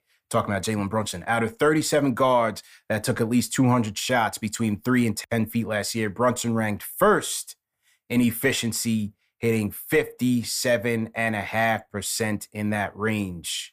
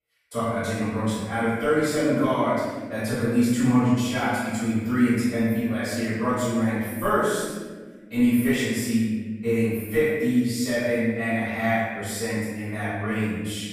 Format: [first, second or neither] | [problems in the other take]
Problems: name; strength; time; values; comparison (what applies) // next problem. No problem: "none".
first | off-mic speech; far // room echo; strong; dies away in 1.4 s